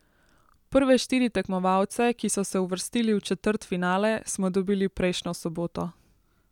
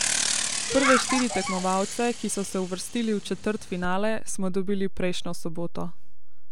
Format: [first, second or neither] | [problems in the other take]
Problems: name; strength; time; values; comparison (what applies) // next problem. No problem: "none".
first | background sound (Bicycle); 1 dB above the speech